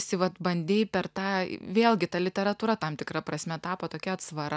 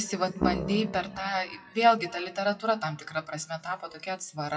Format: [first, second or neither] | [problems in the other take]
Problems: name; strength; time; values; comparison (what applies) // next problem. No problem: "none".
first | noise reduction (classical method WPE with log-MMSE)